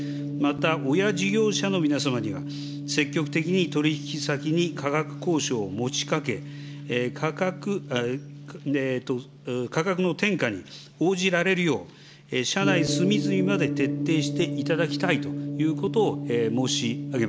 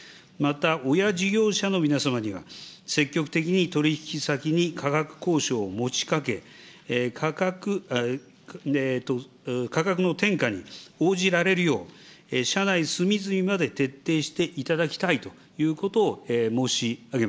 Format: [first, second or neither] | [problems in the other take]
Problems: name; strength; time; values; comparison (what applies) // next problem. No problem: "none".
second | background sound (Gong); 6 dB below the speech